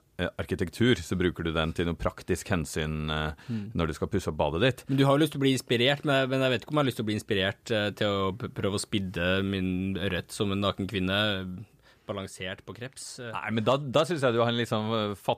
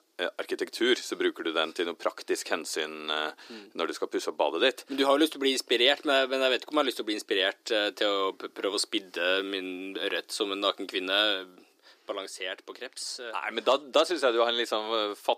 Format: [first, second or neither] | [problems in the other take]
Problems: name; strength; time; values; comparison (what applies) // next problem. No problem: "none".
first | thin; somewhat; fading below 300 Hz